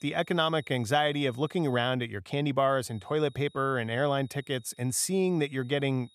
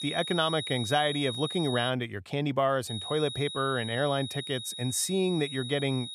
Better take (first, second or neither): first